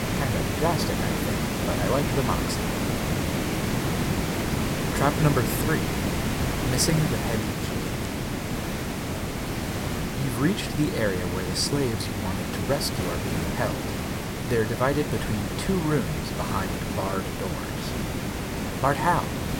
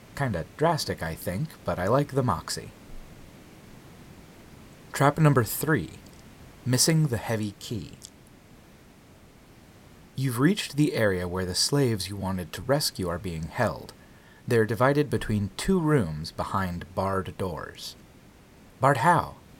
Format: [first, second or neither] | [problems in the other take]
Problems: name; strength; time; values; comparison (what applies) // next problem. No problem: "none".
second | hiss; loud; throughout; as loud as the speech; faint in the second